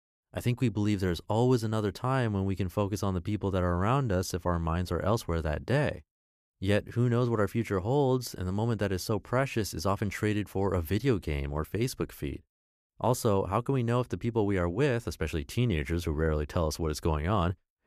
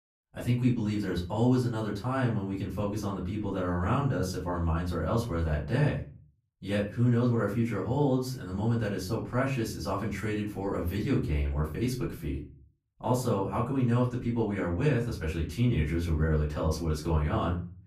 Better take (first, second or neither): first